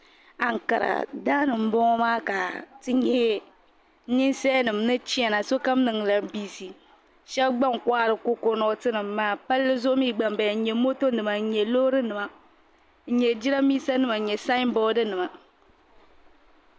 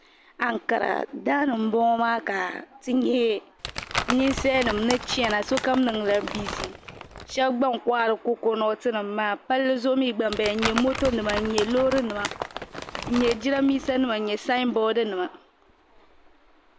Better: first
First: none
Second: background sound (Crumpling, crinkling); 8 dB below the speech

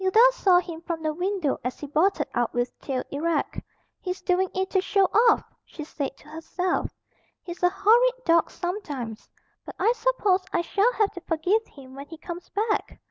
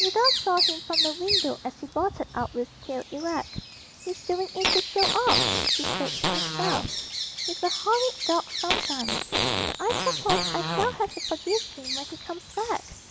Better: first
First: none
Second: background sound (Bird vocalization, bird call, bird song + Fart); as loud as the speech

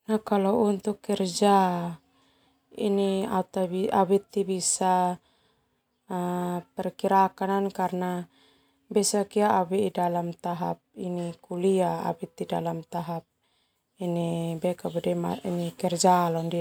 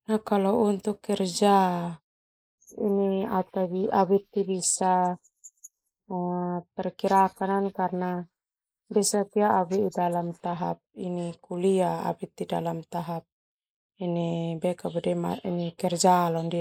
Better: first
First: none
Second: noise reduction (neural mask model Resemble Enhance denoiser)

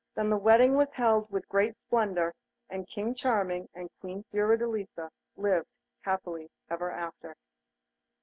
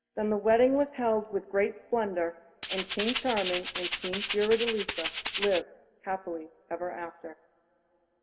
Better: first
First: none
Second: background sound (Rattle (instrument)); 4 dB below the speech // room echo; dies away in 1.8 s

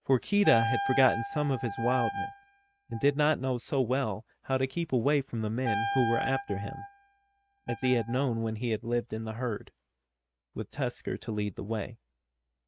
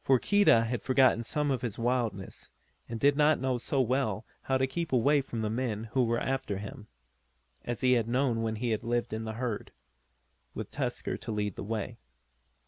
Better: second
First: noise reduction (neural mask model RNNoise)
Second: none

